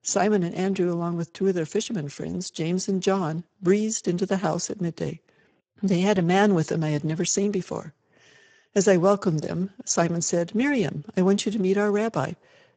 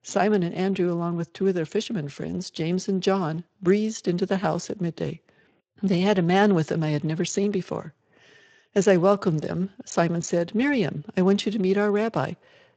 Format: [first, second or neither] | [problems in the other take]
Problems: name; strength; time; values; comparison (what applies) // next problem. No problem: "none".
second | garbled, watery; badly; nothing above 7.5 kHz; slightly in the second